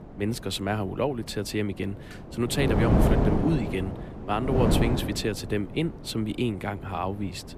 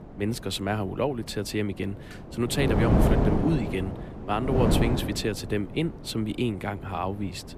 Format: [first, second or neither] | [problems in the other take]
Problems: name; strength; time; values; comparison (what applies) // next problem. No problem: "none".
neither | wind noise on the microphone; heavy; as loud as the speech; the same in both